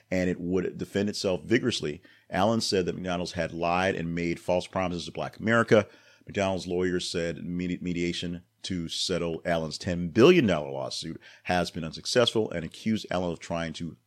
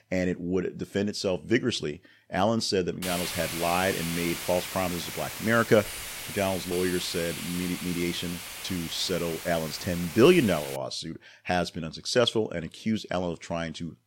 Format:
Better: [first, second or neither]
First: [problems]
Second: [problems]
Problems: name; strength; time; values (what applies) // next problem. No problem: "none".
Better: first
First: none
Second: hiss; loud; from 3 to 11 s; 7 dB below the speech